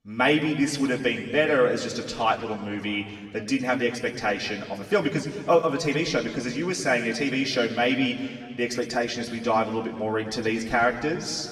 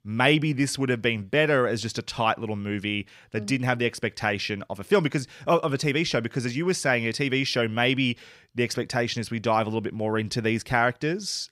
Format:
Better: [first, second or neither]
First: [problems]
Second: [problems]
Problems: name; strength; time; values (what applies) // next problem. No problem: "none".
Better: second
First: room echo; slight; dies away in 1.8 s // off-mic speech; somewhat distant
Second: none